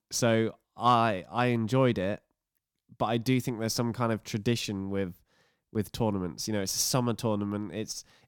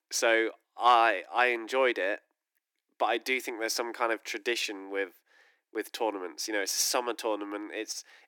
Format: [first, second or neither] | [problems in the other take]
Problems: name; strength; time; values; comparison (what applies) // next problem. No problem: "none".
first | thin; very; fading below 300 Hz